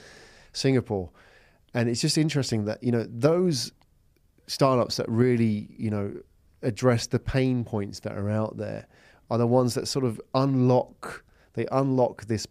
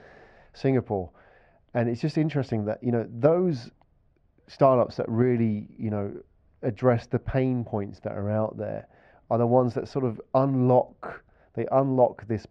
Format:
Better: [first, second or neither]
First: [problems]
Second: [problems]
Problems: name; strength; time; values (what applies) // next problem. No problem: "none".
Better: first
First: none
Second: muffled; very; fading above 2 kHz